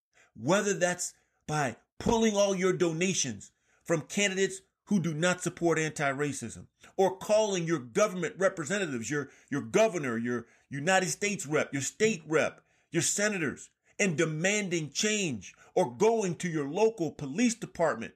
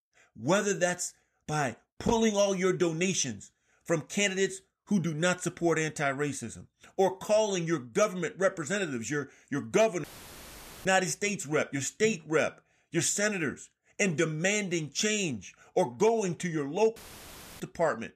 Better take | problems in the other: first | audio cutting out; filled with static; at 10 s for 1 s and at 17 s for 0.5 s

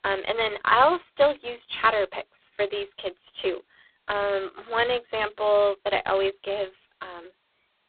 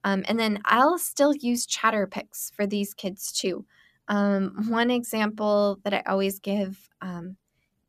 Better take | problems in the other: second | phone-call audio; poor line; nothing above 4 kHz

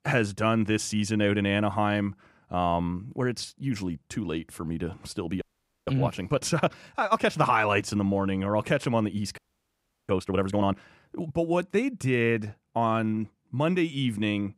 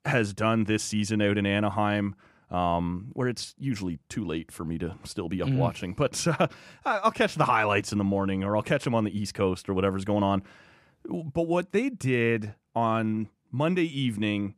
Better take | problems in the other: second | audio freezing; at 5.5 s and at 9.5 s for 0.5 s

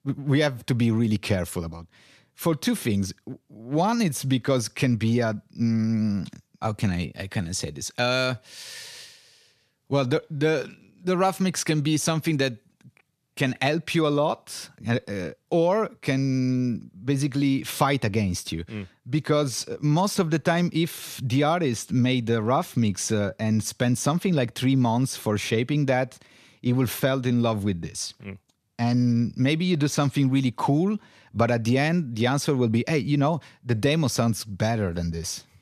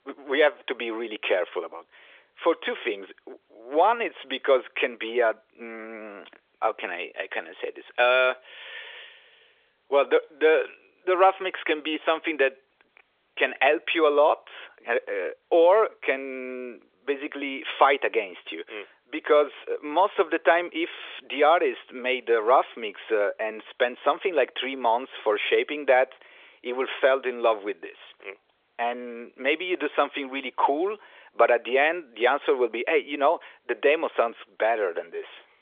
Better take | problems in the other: first | phone-call audio; nothing above 3.5 kHz

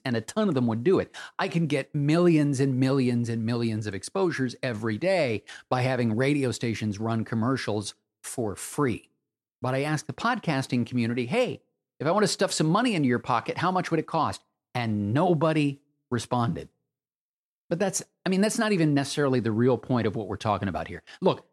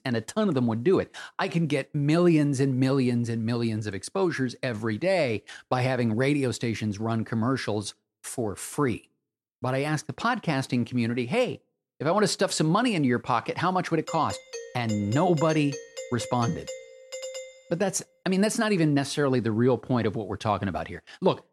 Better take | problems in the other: first | doorbell; faint; from 14 to 18 s; peak 10 dB below the speech

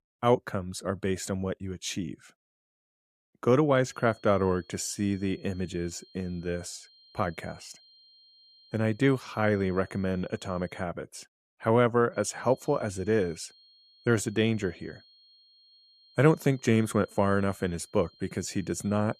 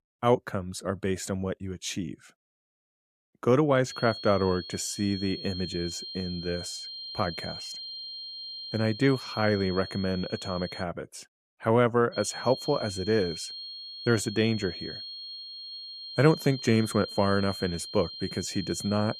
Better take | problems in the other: first | high-pitched whine; loud; from 4 to 11 s and from 12 s on; 4 kHz, 10 dB below the speech; faint in the first

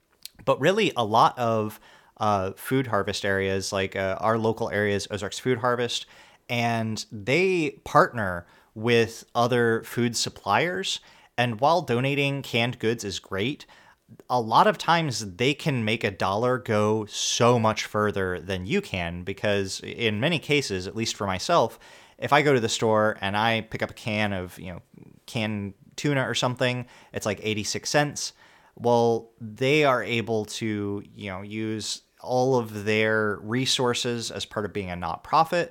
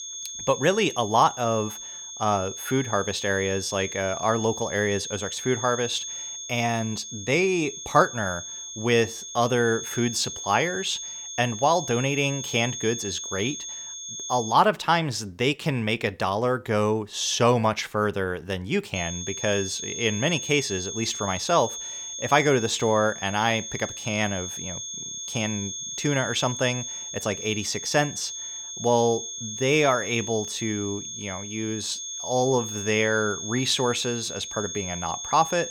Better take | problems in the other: first | high-pitched whine; loud; until 15 s and from 19 s on; 6.5 kHz, 7 dB below the speech

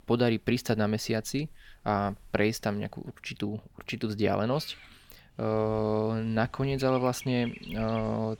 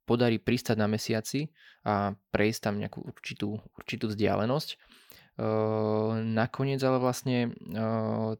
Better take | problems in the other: second | animal sounds; noticeable; throughout; 20 dB below the speech

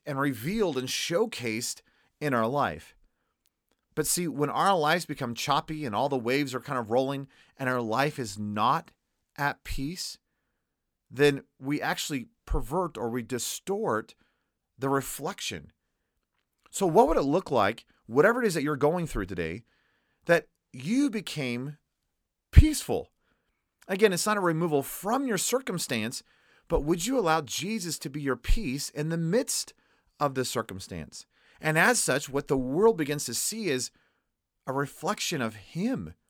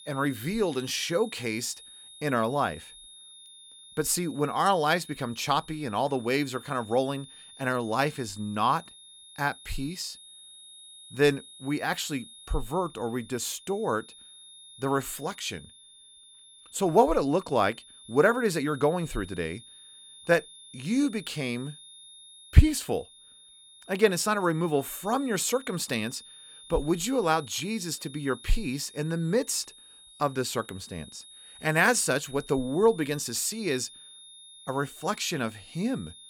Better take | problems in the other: first | high-pitched whine; noticeable; throughout; 3.5 kHz, 20 dB below the speech

